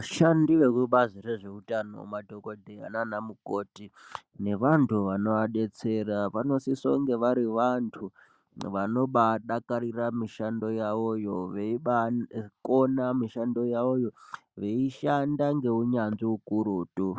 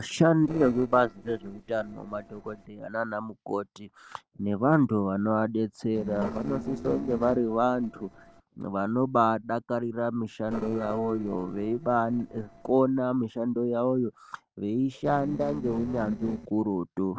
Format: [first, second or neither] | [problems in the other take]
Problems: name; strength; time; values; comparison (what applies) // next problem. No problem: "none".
first | noise reduction (neural separator model SepFormer DNS4)